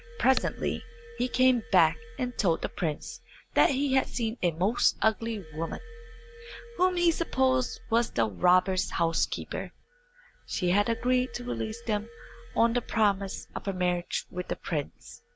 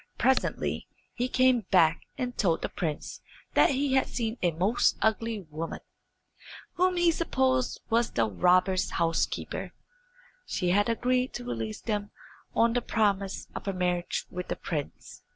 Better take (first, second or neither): second